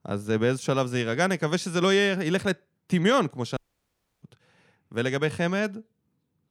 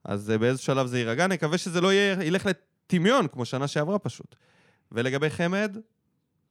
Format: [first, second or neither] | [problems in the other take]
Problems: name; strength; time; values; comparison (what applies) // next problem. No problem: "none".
second | audio cutting out; at 3.5 s for 0.5 s